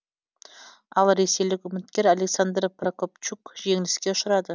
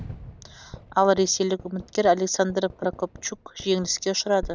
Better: first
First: none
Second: background sound (Fireworks); 18 dB below the speech

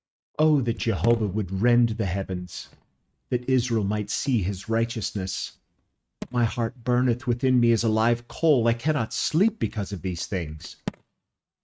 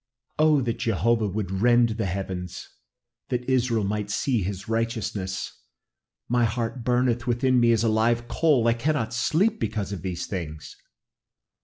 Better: second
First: noise reduction (neural mask model RNNoise)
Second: none

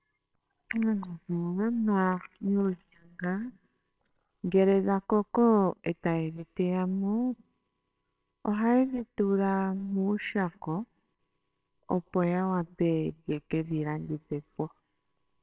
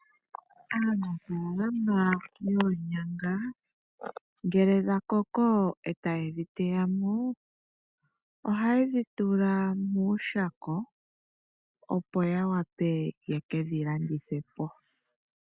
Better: second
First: noise reduction (neural separator model SepFormer WHAMR!)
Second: none

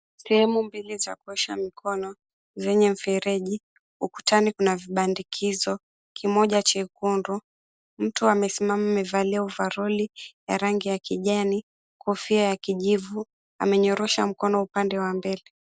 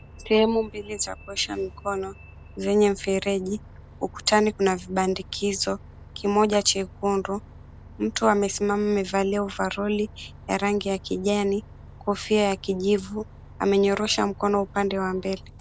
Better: first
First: none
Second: background sound (Bus); 19 dB below the speech

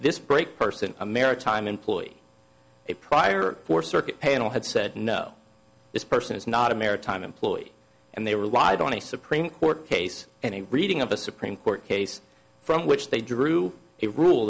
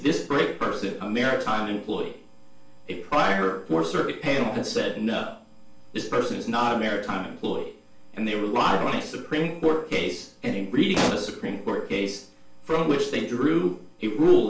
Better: first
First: none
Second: background sound (Explosion); 5 dB below the speech // room echo; dies away in 0.4 s

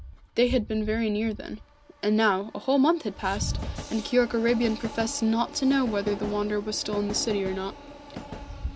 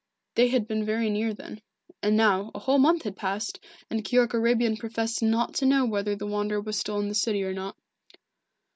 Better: second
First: background sound (Train); 11 dB below the speech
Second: none

